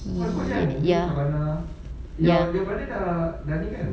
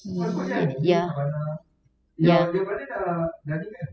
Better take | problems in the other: first | noise reduction (classical method spectral subtraction)

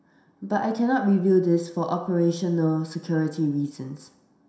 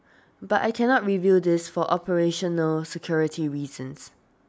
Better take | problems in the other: second | room echo; dies away in 0.7 s

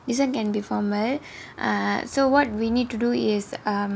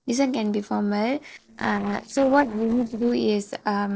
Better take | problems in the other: first | noise reduction (neural separator model SepFormer DNS4)

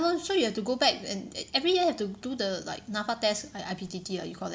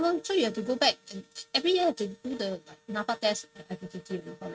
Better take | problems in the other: first | noise reduction (neural mask model RNNoise)

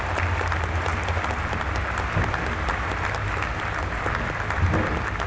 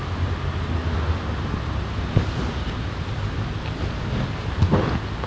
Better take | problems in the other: second | background sound (Applause / Cheering); 1 dB below the speech // room echo; dies away in 0.3 s

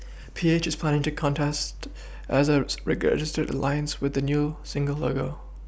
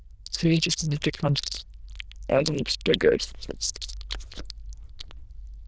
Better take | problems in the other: first | noise reduction (neural diffusion model UNIVERSE++)

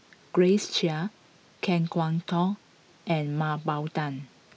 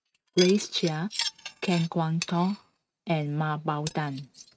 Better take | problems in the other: first | noise reduction (neural mask model RNNoise)

